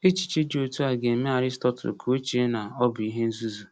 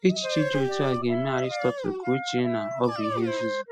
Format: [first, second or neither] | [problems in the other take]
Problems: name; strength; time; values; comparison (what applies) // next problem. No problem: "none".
first | noise reduction (classical method spectral subtraction)